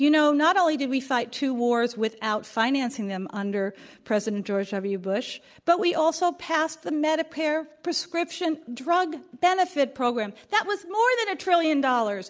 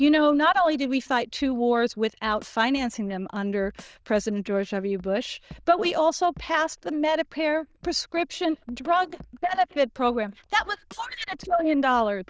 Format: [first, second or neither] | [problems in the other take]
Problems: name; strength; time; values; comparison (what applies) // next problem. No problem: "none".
first | noise reduction (neural diffusion model UNIVERSE++)